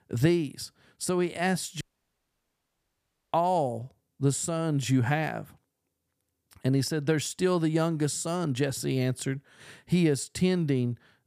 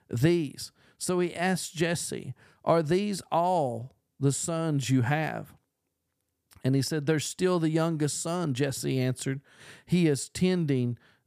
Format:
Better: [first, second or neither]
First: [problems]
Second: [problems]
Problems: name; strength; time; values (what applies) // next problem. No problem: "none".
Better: second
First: audio cutting out; at 2 s for 1.5 s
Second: none